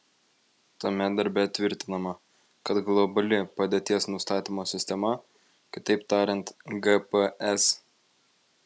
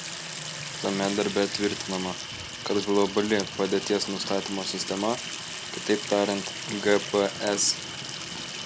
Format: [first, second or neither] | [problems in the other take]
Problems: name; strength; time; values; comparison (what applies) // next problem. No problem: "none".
first | background sound (Sink (filling or washing) / Water tap, faucet); 7 dB below the speech